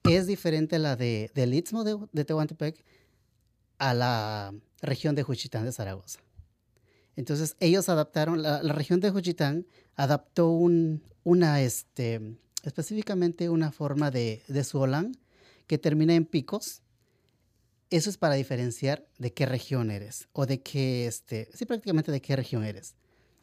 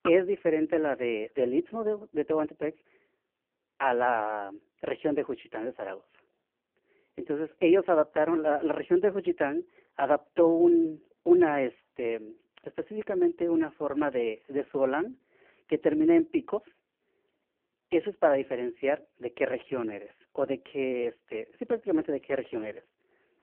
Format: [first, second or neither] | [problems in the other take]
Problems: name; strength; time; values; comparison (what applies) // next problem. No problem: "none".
first | phone-call audio; poor line